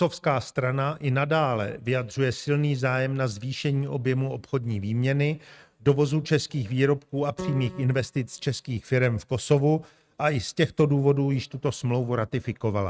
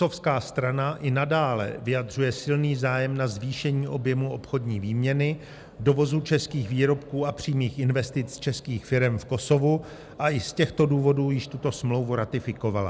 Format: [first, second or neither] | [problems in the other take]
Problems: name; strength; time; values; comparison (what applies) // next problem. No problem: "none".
second | noise reduction (neural mask model RNNoise)